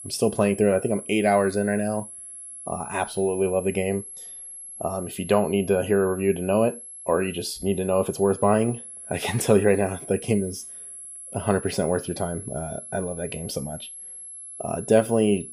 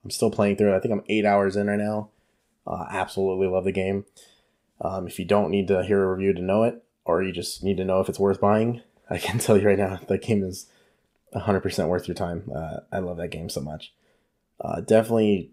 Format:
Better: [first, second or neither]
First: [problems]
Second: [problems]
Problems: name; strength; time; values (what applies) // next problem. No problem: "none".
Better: second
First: high-pitched whine; noticeable; throughout; 11 kHz, 15 dB below the speech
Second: none